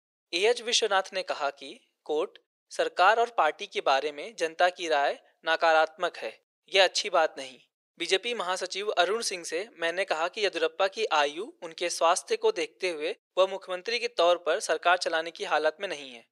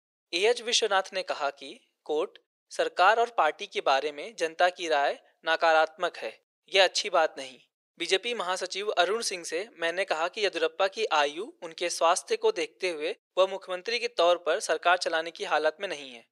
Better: neither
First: thin; very; fading below 450 Hz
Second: thin; very; fading below 450 Hz

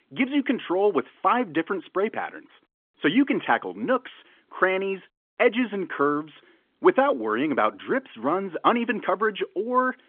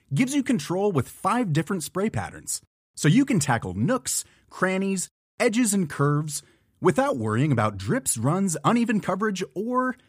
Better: second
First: phone-call audio; nothing above 3.5 kHz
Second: none

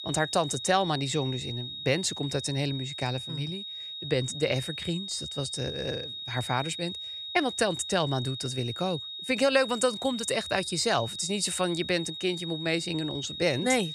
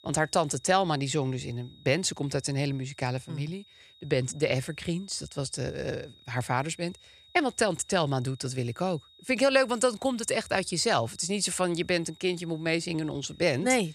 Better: second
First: high-pitched whine; loud; throughout; 4 kHz, 6 dB below the speech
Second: high-pitched whine; faint; throughout; 4 kHz, 25 dB below the speech

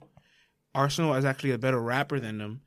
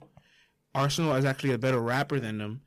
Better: first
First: none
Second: distortion; slight; 4% of the sound clipped

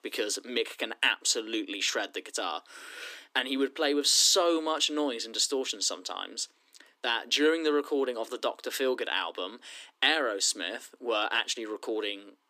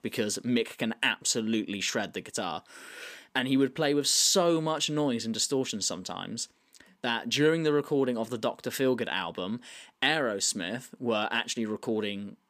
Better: second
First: thin; very slightly; fading below 300 Hz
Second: none

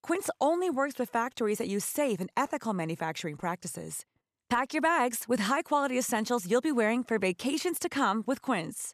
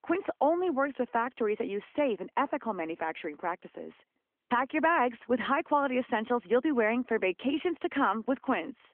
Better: first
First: none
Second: phone-call audio

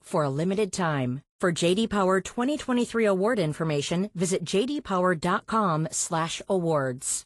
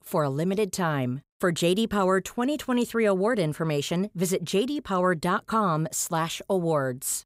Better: second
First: garbled, watery; slightly; nothing above 10.5 kHz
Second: none

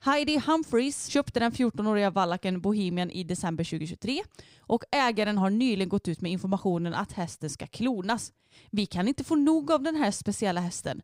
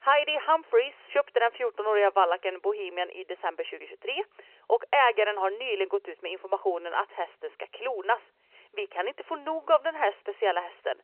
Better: first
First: none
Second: phone-call audio; nothing above 3 kHz

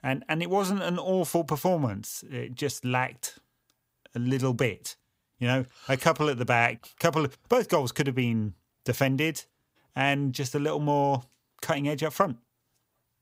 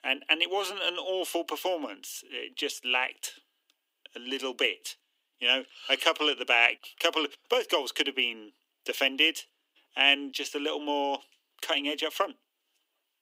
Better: first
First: none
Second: thin; somewhat; fading below 300 Hz

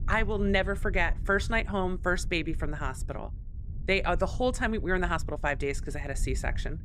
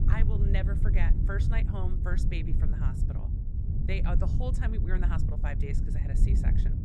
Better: first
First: low rumble; faint; throughout; 25 dB below the speech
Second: low rumble; loud; throughout; 4 dB below the speech

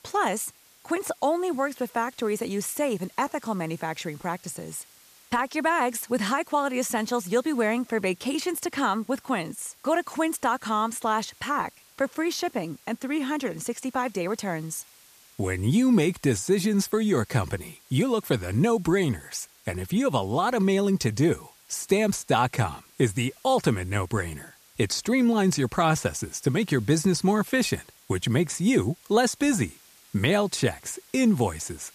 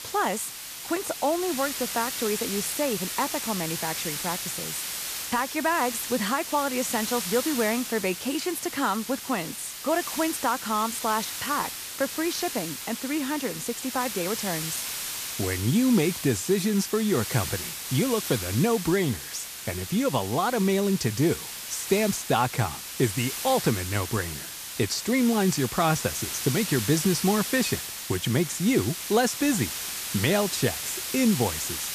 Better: first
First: hiss; faint; throughout; 25 dB below the speech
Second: hiss; loud; throughout; 5 dB below the speech

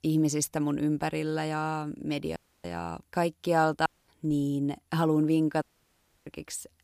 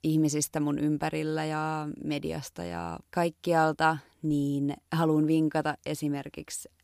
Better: second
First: audio cutting out; at 2.5 s, at 4 s and at 5.5 s for 0.5 s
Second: none

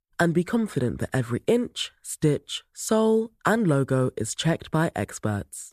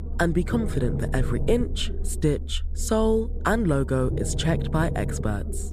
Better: first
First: none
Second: low rumble; noticeable; throughout; 10 dB below the speech

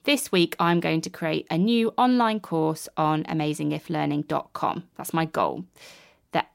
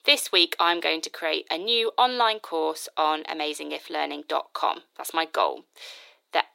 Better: first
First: none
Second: thin; very; fading below 400 Hz

